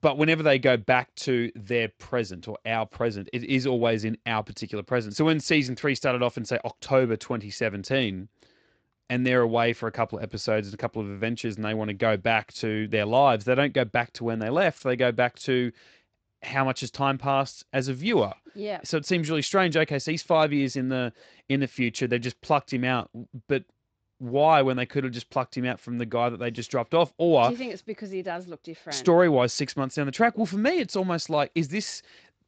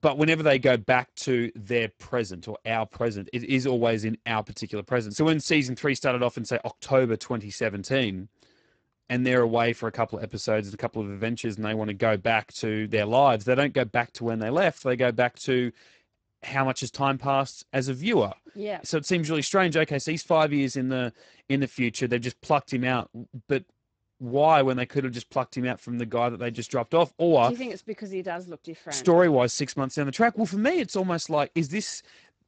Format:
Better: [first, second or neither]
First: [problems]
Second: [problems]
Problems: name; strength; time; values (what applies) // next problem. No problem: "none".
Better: first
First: garbled, watery; slightly; nothing above 8 kHz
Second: garbled, watery; badly; nothing above 8 kHz